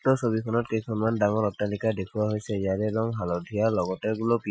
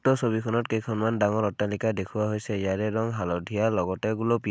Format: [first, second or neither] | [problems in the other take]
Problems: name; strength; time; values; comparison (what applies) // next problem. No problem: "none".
second | noise reduction (classical method Wiener filter)